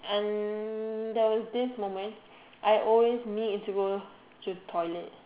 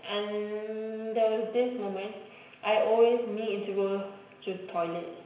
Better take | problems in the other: first | room echo; dies away in 0.9 s

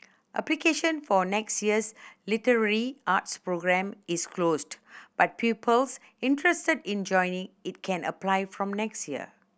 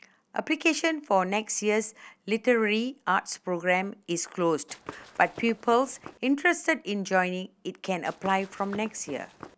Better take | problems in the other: first | background sound (Walk, footsteps / Run); 18 dB below the speech

